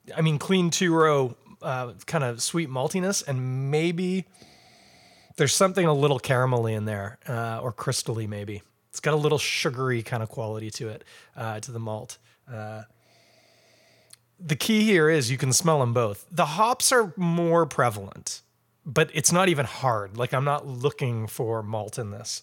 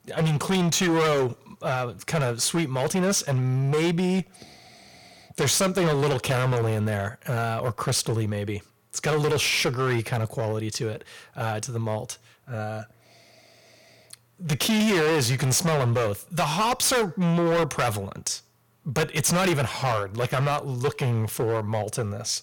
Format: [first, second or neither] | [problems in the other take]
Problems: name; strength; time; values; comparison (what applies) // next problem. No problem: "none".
first | distortion; heavy; 15% of the sound clipped